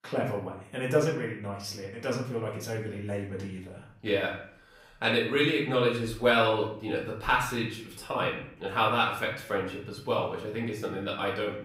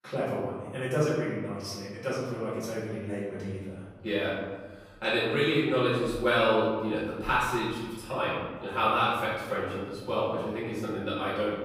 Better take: first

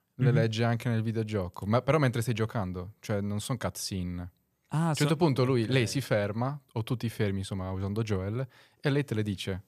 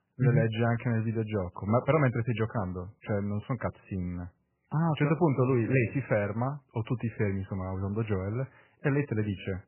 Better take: first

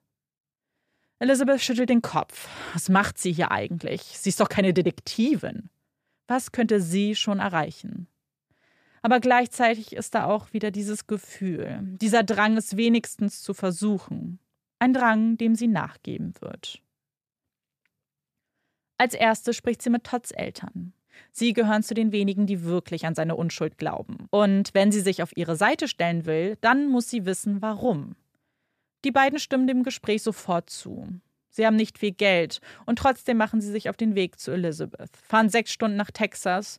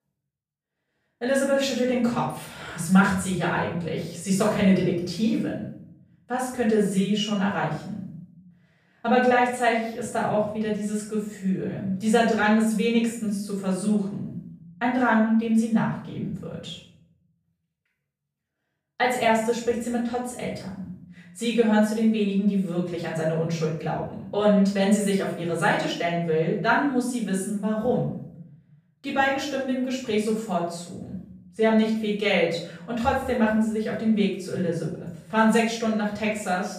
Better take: first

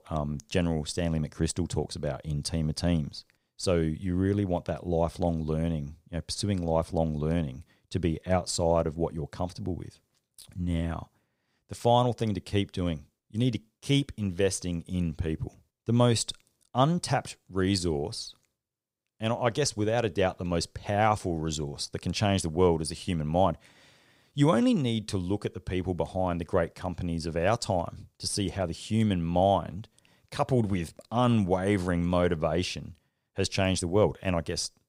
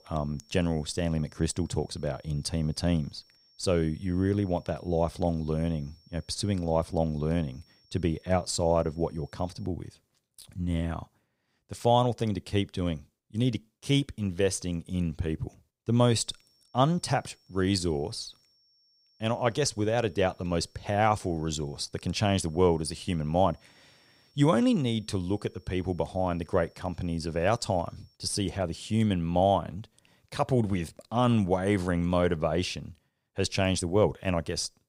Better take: first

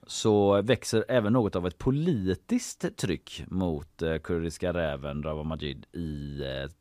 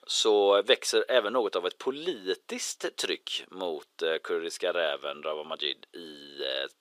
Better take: first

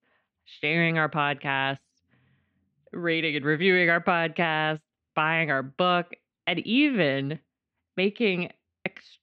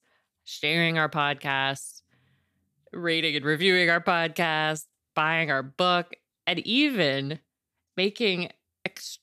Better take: second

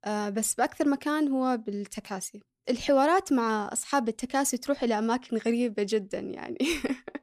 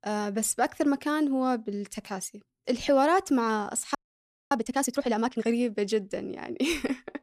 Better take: first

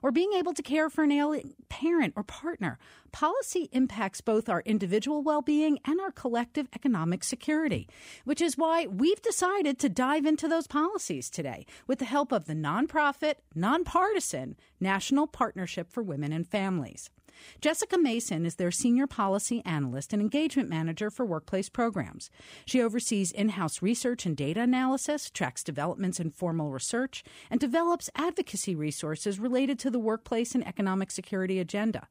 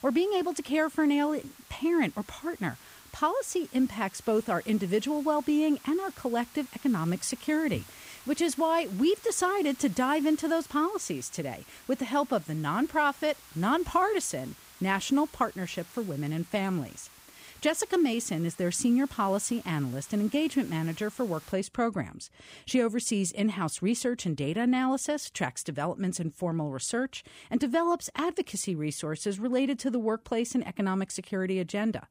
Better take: first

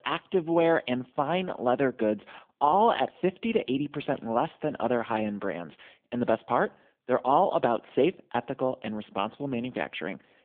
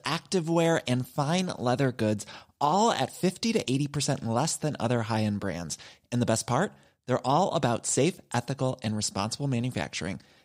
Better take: second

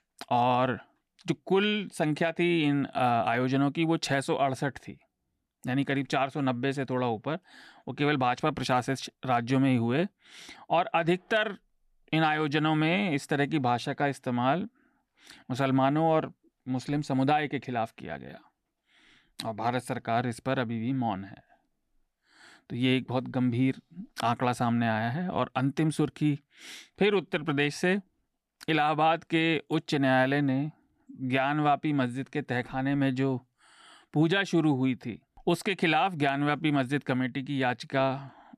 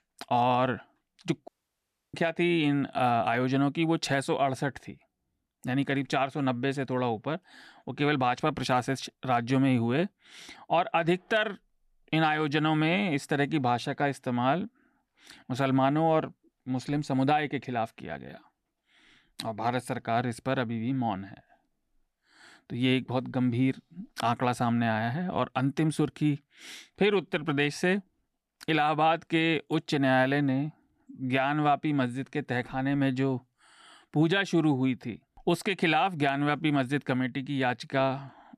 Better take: first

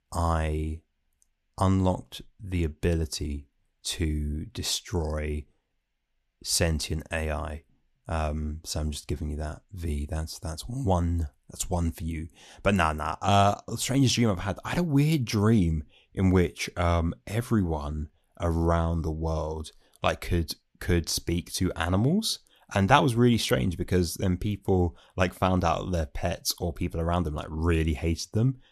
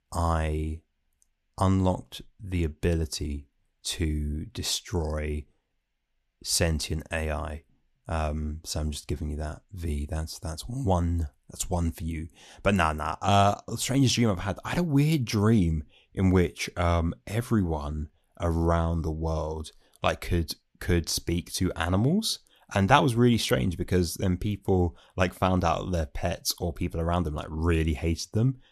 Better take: neither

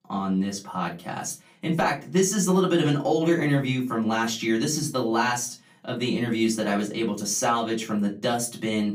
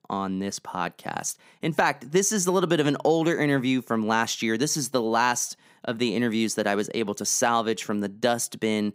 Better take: second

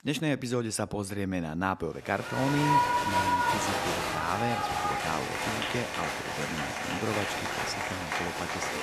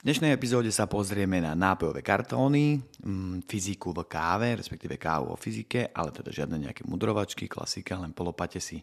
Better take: second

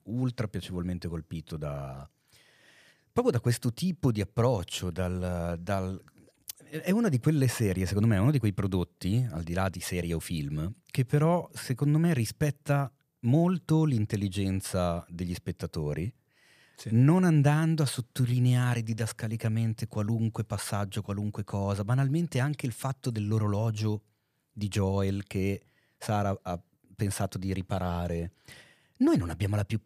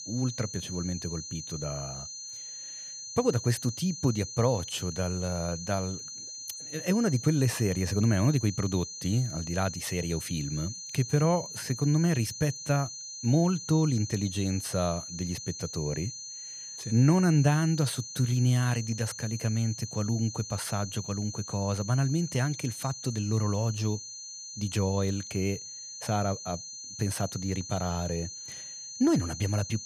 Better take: first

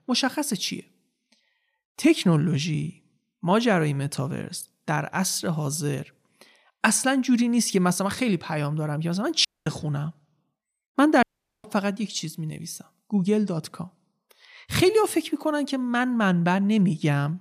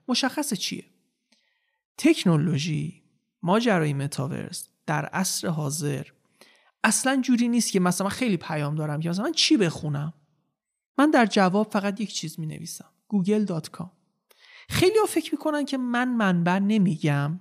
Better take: second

